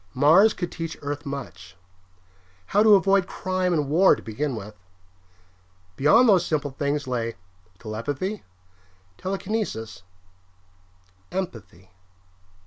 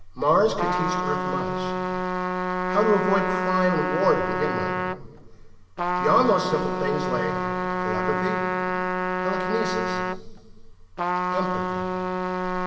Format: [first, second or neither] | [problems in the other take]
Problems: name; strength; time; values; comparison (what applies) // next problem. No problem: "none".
first | background sound (Trumpet); 1 dB above the speech // room echo; dies away in 2 s